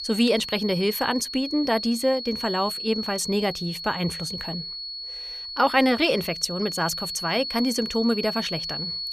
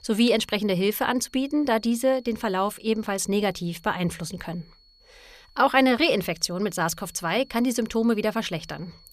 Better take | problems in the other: second | high-pitched whine; loud; throughout; 4.5 kHz, 6 dB below the speech; faint in the second

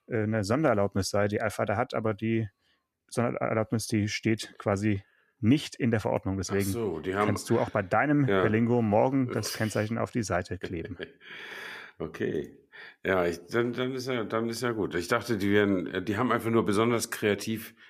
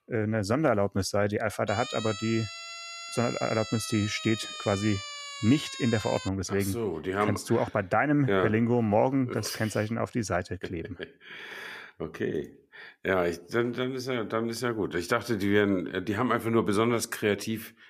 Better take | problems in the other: first | siren; noticeable; from 1.5 to 6.5 s; peak 8 dB below the speech

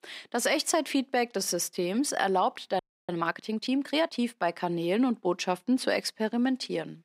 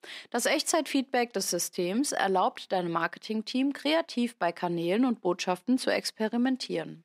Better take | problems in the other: second | audio freezing; at 3 s

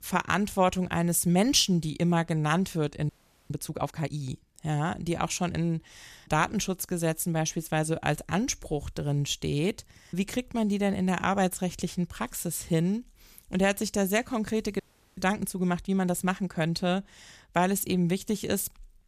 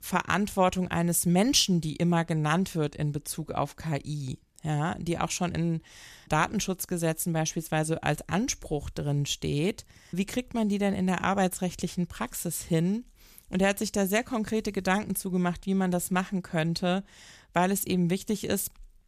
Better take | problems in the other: second | audio freezing; at 3 s and at 15 s

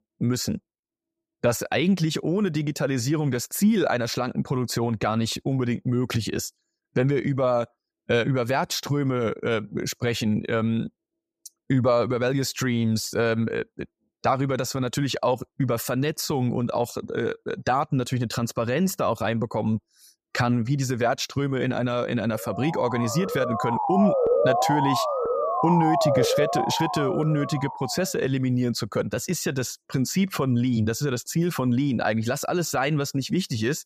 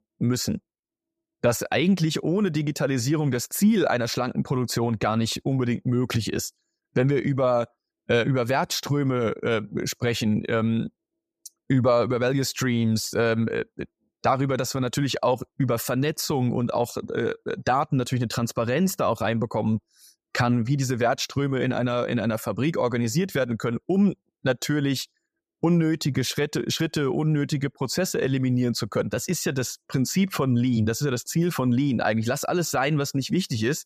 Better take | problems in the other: second | siren; loud; from 22 to 28 s; peak 4 dB above the speech

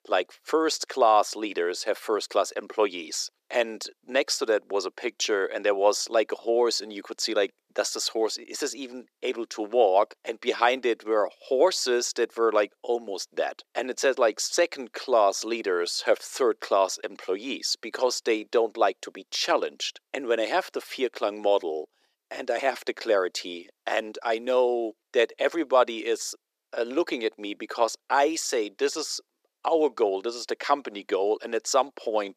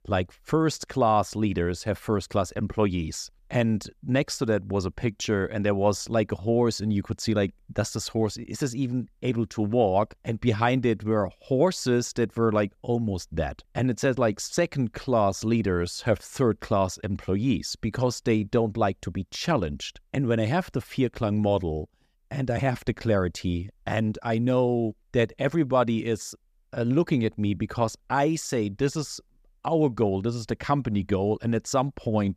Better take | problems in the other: second | thin; very; fading below 350 Hz

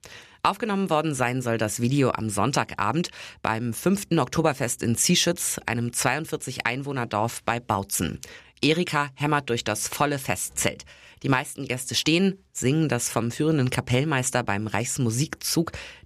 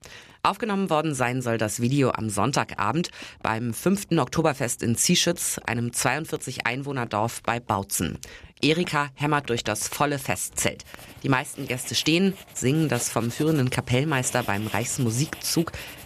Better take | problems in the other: first | household noises; noticeable; throughout; 20 dB below the speech

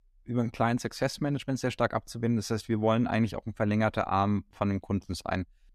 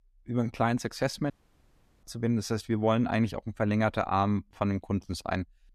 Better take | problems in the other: first | audio cutting out; at 1.5 s for 0.5 s

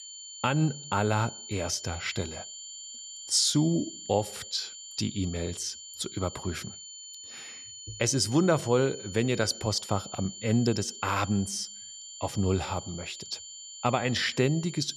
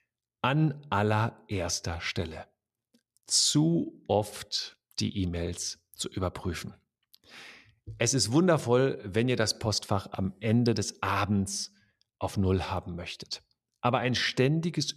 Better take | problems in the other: second | high-pitched whine; noticeable; throughout; 7 kHz, 10 dB below the speech

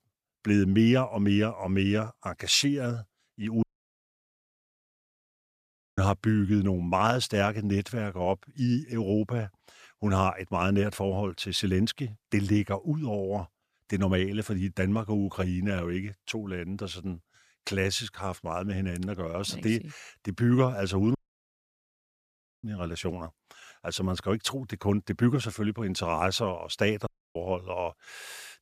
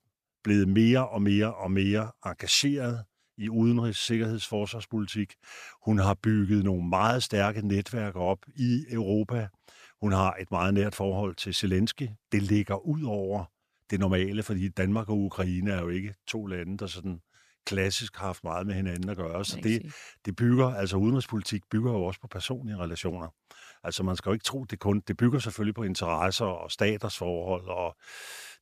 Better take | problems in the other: second | audio cutting out; at 3.5 s for 2.5 s, at 21 s for 1.5 s and at 27 s

